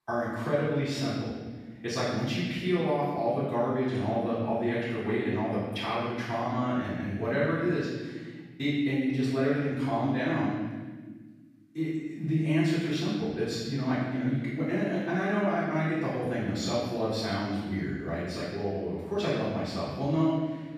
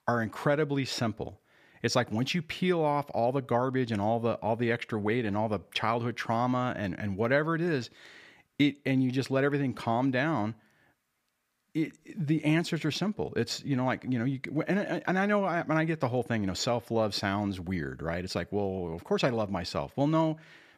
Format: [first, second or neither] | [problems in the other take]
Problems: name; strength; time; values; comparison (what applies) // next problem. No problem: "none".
second | off-mic speech; far // room echo; strong; dies away in 1.4 s